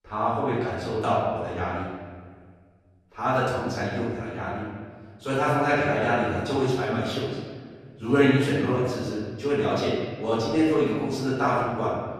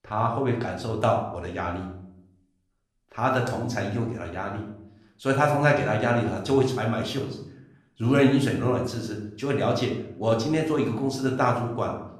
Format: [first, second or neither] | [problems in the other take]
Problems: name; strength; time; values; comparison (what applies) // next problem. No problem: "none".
second | room echo; strong; dies away in 1.6 s; slight in the second // off-mic speech; far; somewhat distant in the second